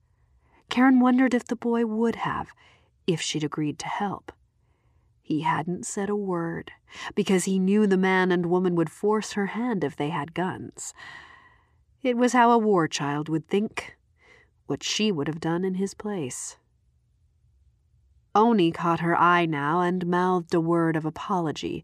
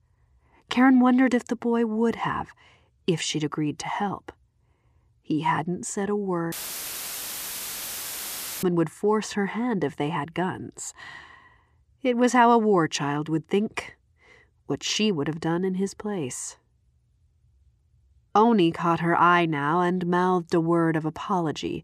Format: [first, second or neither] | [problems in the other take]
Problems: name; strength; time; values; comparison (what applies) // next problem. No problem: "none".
first | audio cutting out; filled with static; at 6.5 s for 2 s